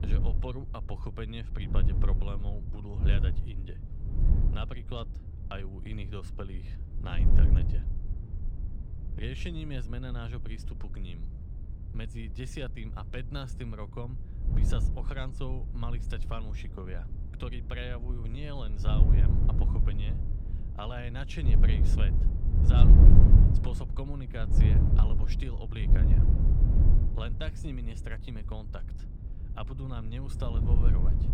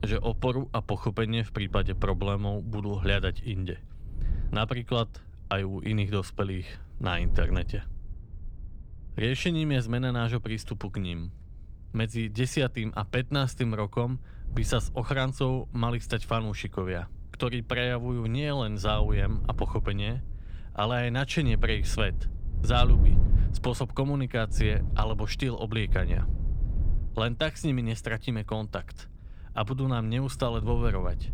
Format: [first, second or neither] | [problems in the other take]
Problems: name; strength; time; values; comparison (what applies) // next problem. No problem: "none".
second | wind noise on the microphone; heavy; as loud as the speech; occasional gusts in the second